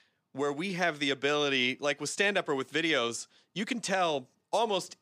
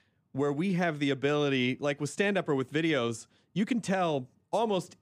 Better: second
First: thin; very slightly; fading below 650 Hz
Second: none

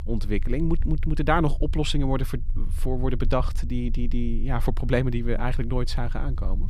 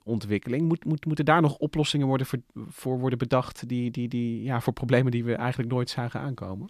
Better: second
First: low rumble; faint; throughout; 25 dB below the speech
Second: none

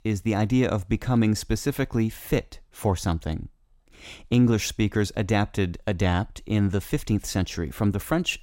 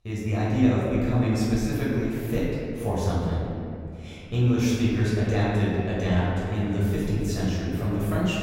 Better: first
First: none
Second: room echo; strong; dies away in 2.4 s // off-mic speech; far

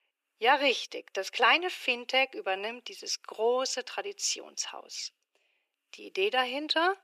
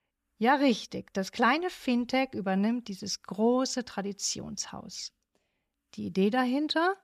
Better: second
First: thin; very; fading below 350 Hz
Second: none

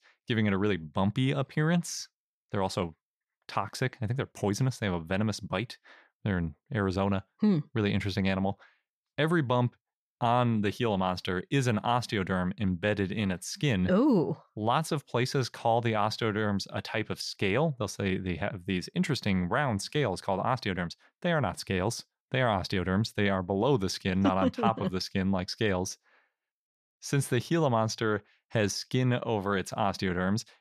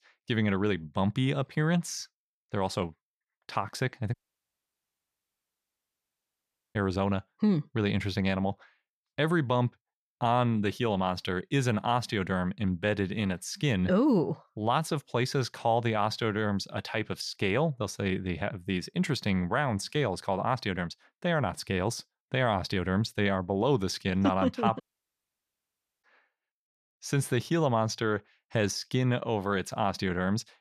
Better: first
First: none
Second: audio cutting out; at 4 s for 2.5 s and at 25 s for 1 s

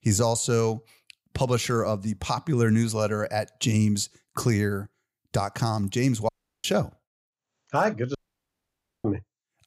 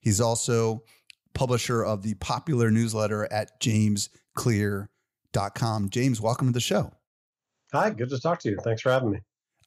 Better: second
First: audio cutting out; at 6.5 s and at 8 s for 1 s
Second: none

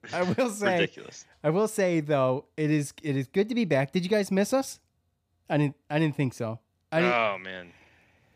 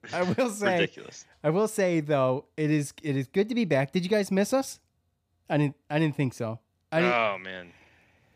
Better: neither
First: none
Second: none

